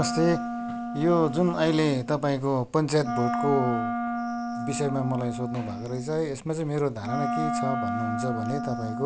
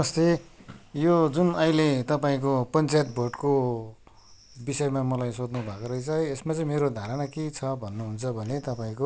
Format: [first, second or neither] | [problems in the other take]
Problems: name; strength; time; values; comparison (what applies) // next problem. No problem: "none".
second | background sound (Wind instrument, woodwind instrument); 4 dB below the speech